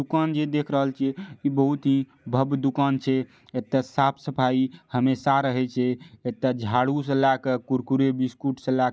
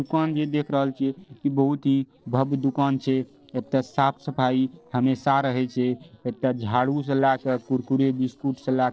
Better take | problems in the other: first | noise reduction (neural separator model SepFormer DNS4)

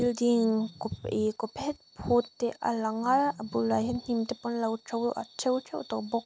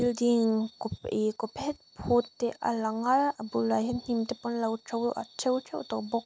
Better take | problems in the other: second | background sound (Bass guitar); 18 dB below the speech

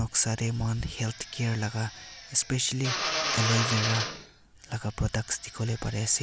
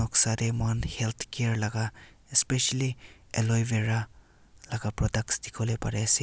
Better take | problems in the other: second | background sound (Drill); 6 dB below the speech

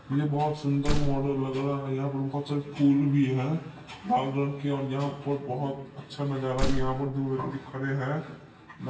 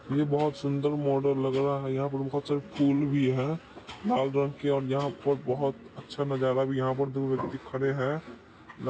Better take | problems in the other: second | background sound (Slam); 1 dB below the speech // room echo; dies away in 0.9 s

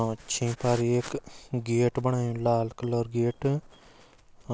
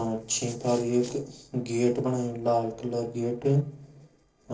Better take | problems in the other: first | noise reduction (neural separator model SepFormer DNS4)

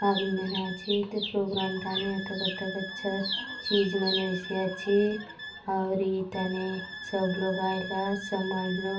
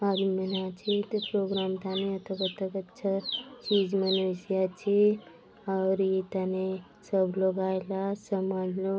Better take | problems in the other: second | background sound (Wind instrument, woodwind instrument); 11 dB below the speech // room echo; dies away in 0.3 s

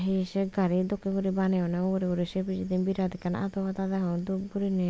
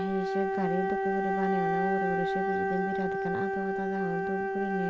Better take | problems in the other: first | background sound (Wind instrument, woodwind instrument); 4 dB above the speech

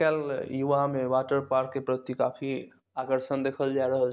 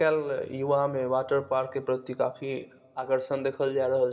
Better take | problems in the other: first | room echo; dies away in 2.3 s

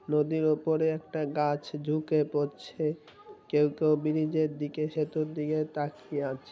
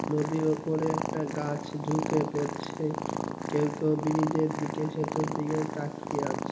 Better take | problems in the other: first | background sound (Purr); 4 dB below the speech // room echo; dies away in 1.4 s

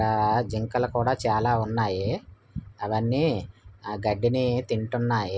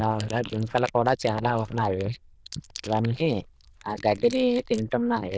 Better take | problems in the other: first | noise reduction (neural diffusion model UNIVERSE++)

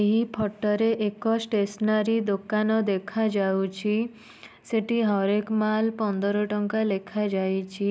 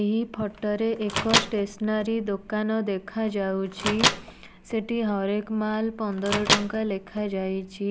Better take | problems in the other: first | background sound (Microwave oven); 4 dB below the speech

